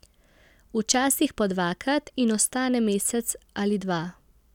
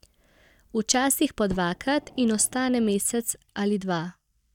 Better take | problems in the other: first | noise reduction (neural mask model DeepFilterNet 3)

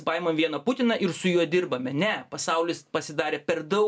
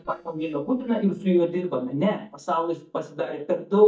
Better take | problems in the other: first | noise reduction (neural mask model DeepFilterNet 3)

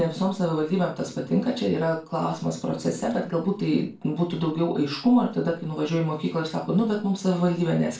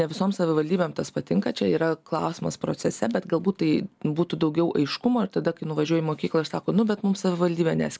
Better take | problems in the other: second | room echo; dies away in 0.3 s

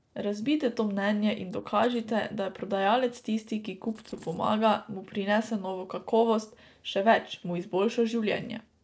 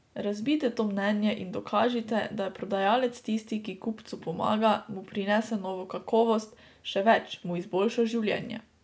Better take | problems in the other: second | noise reduction (neural separator model SepFormer DNS4)

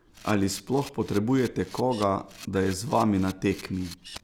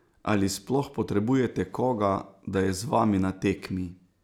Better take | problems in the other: second | background sound (Camera); 19 dB below the speech

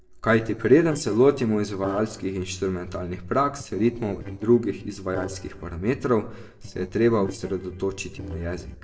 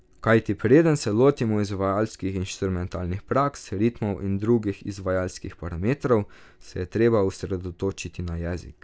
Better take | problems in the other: second | noise reduction (neural separator model SepFormer DNS4)

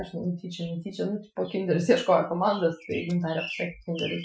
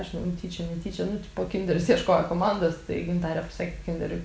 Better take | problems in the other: second | noise reduction (classical method Wiener filter)

